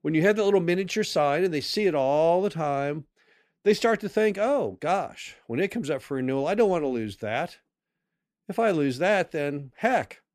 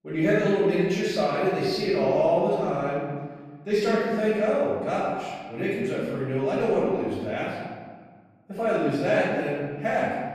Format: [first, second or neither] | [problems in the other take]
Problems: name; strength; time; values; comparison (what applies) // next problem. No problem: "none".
first | off-mic speech; far // room echo; strong; dies away in 1.5 s